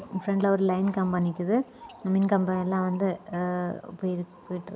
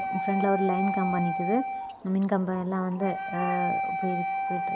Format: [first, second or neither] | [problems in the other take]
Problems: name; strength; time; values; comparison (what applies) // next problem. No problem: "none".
first | background sound (Wind instrument, woodwind instrument); 2 dB below the speech